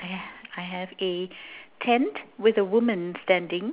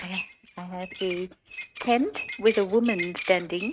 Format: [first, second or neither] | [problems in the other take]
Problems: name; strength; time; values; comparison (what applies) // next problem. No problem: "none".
first | noise reduction (neural mask model RNNoise)